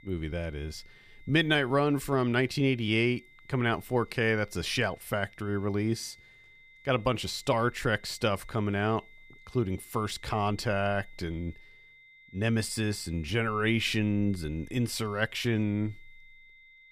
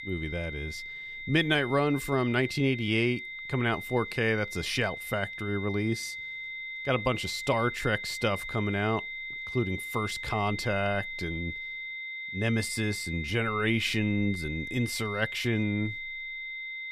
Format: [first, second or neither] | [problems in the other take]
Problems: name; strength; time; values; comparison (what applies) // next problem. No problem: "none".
first | high-pitched whine; loud; throughout; 2 kHz, 7 dB below the speech; faint in the first